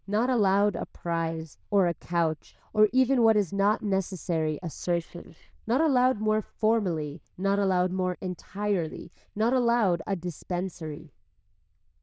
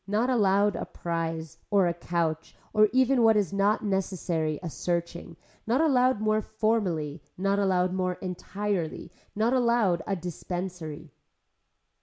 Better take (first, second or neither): second